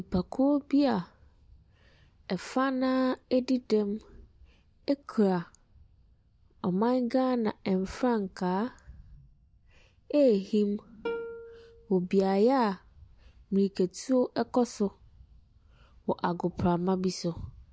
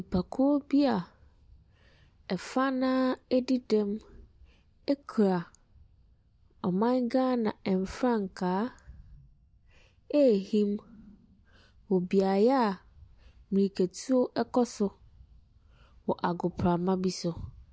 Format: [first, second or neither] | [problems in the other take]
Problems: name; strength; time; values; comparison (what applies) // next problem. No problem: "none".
second | background sound (Plucked string instrument); 12 dB below the speech